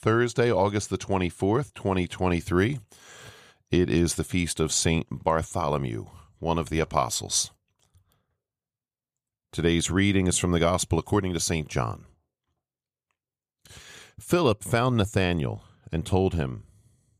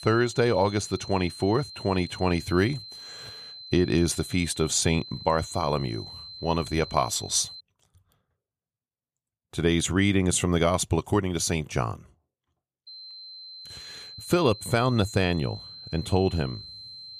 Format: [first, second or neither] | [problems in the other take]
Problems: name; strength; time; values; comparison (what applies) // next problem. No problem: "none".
first | high-pitched whine; noticeable; until 7.5 s and from 13 s on; 4 kHz, 15 dB below the speech